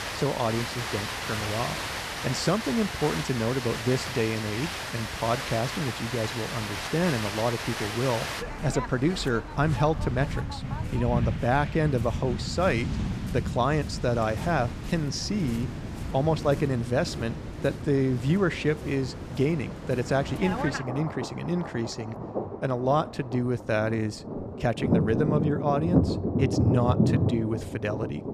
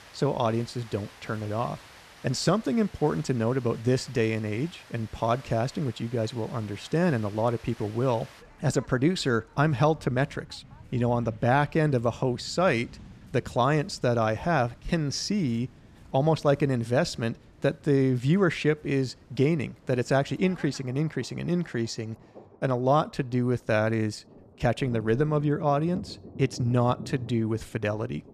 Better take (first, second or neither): second